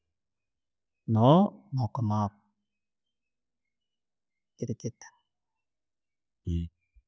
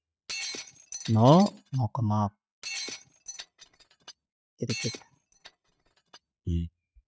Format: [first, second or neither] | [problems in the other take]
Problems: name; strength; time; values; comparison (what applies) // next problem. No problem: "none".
first | noise reduction (neural mask model RNNoise)